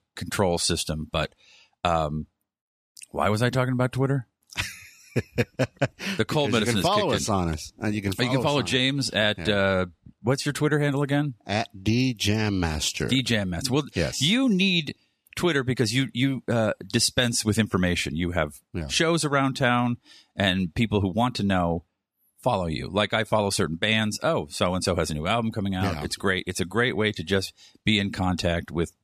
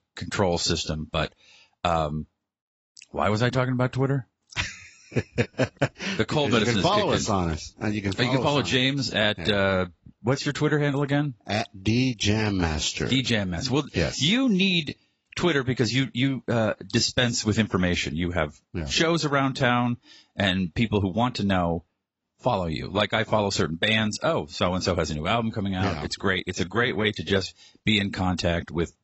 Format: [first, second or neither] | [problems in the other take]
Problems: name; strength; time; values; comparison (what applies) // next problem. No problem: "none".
first | garbled, watery; badly; nothing above 7.5 kHz